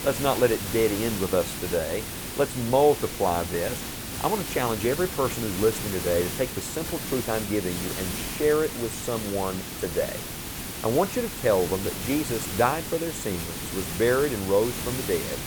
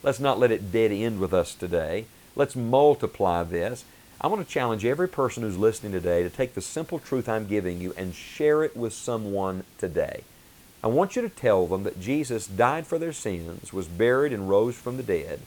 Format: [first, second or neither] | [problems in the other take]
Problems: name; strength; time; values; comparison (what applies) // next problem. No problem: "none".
second | hiss; loud; throughout; 5 dB below the speech; faint in the second